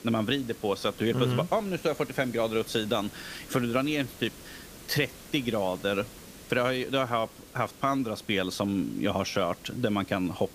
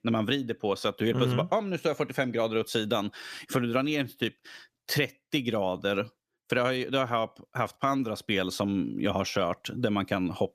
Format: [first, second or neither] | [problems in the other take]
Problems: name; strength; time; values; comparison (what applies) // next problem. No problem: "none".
second | hiss; noticeable; throughout; 20 dB below the speech